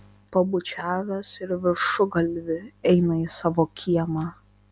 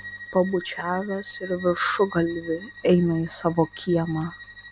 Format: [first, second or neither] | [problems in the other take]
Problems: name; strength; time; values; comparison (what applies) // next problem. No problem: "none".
first | background sound (Bowed string instrument); 17 dB below the speech